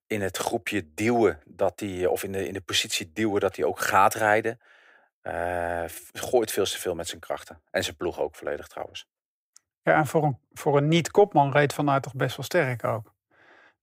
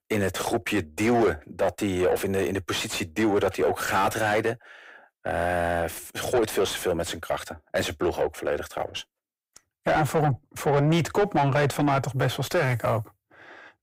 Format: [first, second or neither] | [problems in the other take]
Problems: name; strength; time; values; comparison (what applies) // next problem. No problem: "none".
first | distortion; heavy; 6 dB below the speech